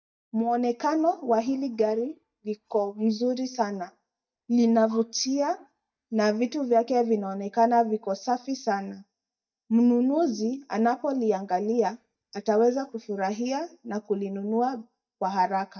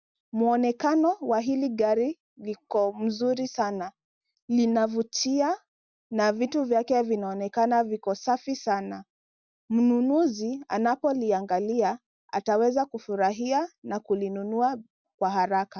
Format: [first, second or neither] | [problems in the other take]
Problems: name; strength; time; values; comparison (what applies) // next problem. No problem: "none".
second | noise reduction (neural mask model DeepFilterNet 3)